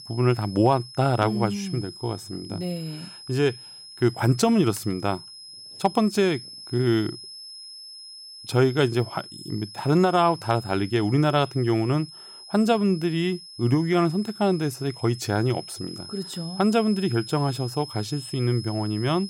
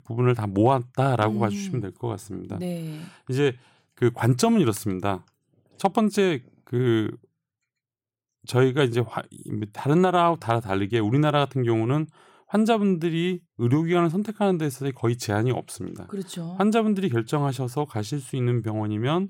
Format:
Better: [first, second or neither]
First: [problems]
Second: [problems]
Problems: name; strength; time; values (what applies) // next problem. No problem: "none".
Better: second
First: high-pitched whine; noticeable; throughout; 5 kHz, 15 dB below the speech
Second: none